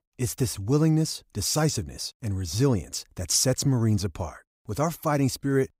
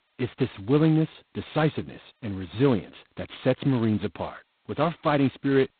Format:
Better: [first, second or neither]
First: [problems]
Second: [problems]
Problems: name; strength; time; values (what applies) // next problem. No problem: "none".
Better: first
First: none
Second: phone-call audio; poor line; nothing above 4 kHz